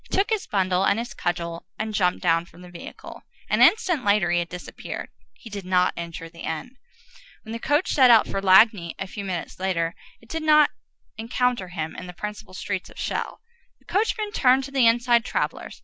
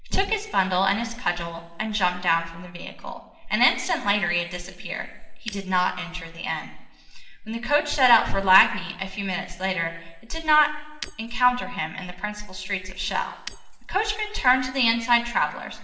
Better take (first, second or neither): first